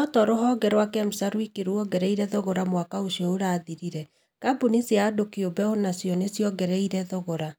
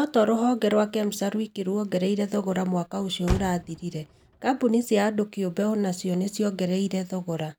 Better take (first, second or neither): first